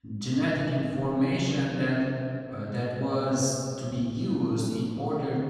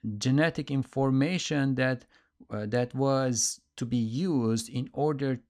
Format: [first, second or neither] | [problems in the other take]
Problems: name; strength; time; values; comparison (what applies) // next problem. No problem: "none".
second | off-mic speech; far // room echo; strong; dies away in 2.2 s